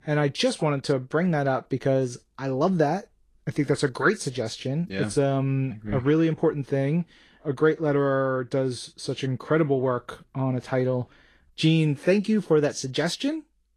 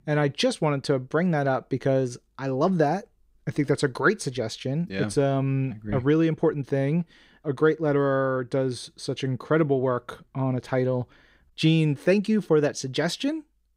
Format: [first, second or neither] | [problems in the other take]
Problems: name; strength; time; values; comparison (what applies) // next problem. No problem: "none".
second | garbled, watery; slightly